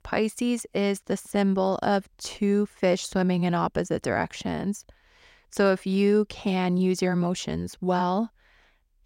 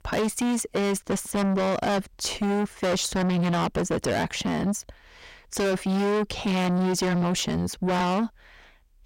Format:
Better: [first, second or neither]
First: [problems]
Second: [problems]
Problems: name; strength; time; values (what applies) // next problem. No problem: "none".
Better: first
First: none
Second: distortion; heavy; 5 dB below the speech